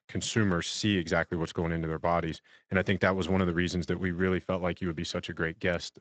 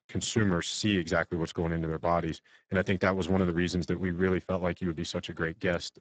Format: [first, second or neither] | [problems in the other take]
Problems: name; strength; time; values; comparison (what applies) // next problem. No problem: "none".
first | garbled, watery; badly; nothing above 7.5 kHz; slightly in the first